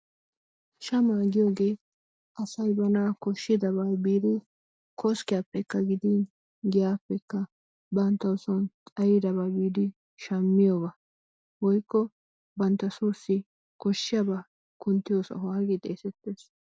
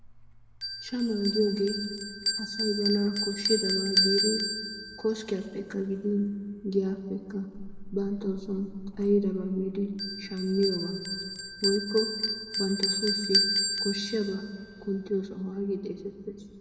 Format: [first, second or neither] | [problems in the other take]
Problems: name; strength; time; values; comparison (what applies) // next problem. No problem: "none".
first | background sound (Bell); 3 dB below the speech // room echo; dies away in 1.8 s